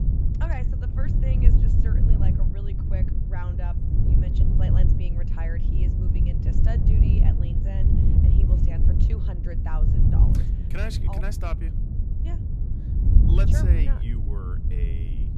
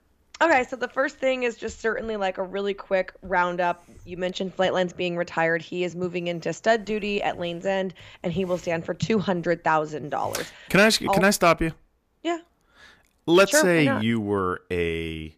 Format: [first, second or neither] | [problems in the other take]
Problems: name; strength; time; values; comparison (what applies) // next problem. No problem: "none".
second | wind noise on the microphone; heavy; 2 dB above the speech